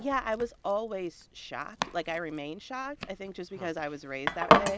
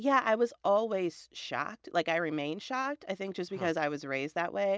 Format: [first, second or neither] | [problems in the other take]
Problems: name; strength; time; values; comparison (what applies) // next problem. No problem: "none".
second | background sound (Domestic sounds, home sounds); 2 dB above the speech